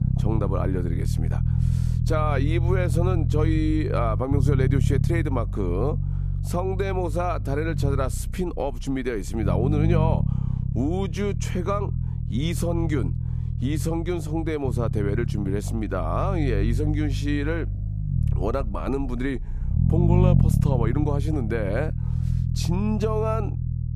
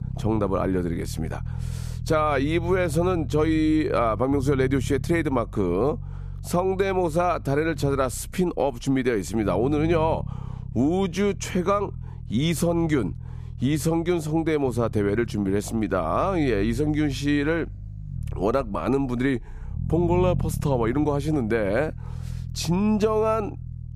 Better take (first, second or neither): second